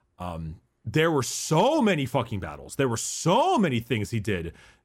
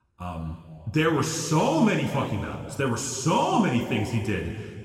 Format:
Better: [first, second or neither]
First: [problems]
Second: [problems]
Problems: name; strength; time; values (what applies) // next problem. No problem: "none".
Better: first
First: none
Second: room echo; noticeable; dies away in 2.1 s // off-mic speech; somewhat distant